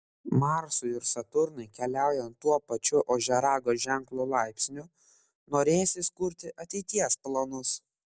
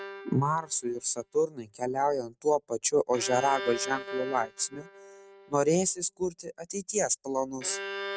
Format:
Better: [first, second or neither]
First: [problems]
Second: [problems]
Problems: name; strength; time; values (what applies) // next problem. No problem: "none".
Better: first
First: none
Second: noise reduction (neural mask model RNNoise)